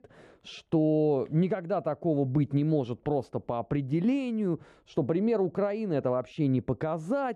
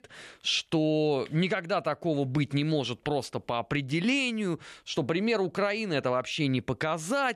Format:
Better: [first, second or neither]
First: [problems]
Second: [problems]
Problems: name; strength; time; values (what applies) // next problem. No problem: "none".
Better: second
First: muffled; very; fading above 1.5 kHz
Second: none